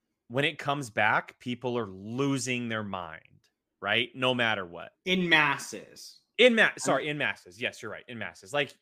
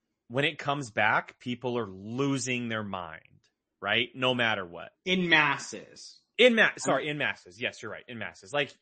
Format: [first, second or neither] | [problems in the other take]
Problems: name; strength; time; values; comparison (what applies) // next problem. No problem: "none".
first | garbled, watery; slightly; nothing above 8 kHz